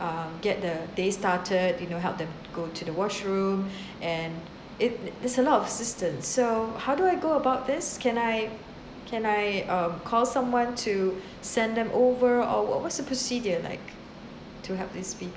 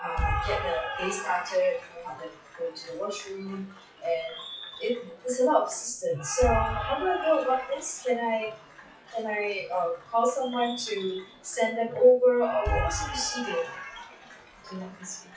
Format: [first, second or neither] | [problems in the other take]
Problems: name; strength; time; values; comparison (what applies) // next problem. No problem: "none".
first | noise reduction (classical method WPE with log-MMSE)